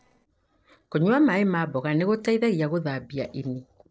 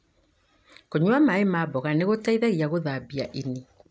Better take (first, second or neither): second